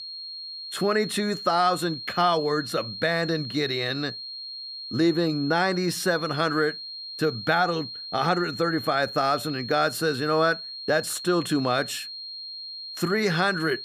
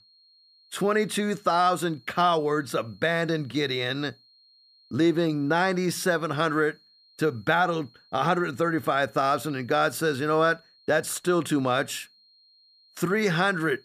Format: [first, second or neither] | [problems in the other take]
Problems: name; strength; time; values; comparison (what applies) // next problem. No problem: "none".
second | high-pitched whine; loud; throughout; 4 kHz, 9 dB below the speech; faint in the second